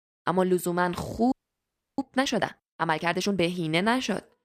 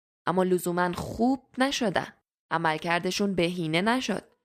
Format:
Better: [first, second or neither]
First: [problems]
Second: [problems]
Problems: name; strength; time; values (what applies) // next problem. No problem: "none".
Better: second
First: audio freezing; at 1.5 s for 0.5 s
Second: none